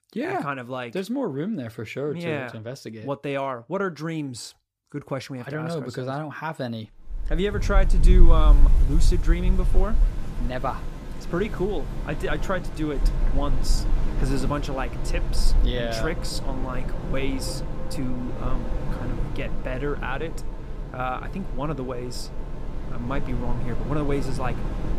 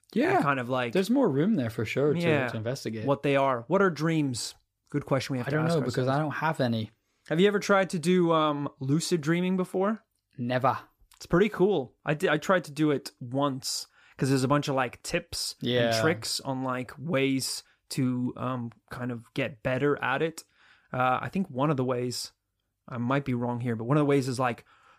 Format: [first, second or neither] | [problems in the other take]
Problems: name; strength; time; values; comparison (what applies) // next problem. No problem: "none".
second | wind in the background; very loud; from 7.5 s on; 2 dB above the speech